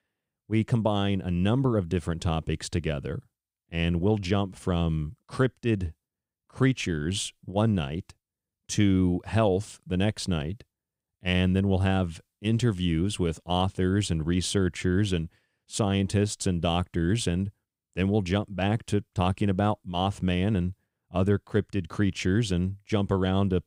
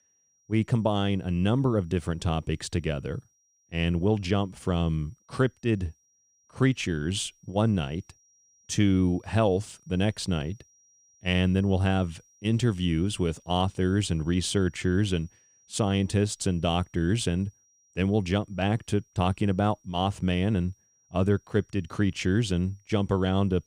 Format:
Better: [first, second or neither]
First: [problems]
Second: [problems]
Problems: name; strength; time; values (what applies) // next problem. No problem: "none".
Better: first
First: none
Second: high-pitched whine; faint; throughout; 5.5 kHz, 35 dB below the speech